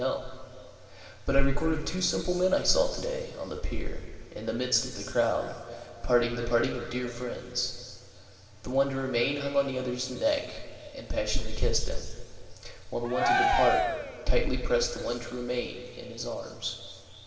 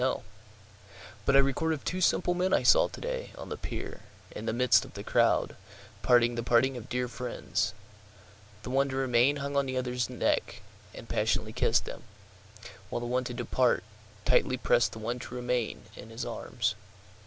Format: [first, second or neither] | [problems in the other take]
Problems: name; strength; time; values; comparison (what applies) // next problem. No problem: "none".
second | background sound (Cheering); as loud as the speech // room echo; dies away in 2.1 s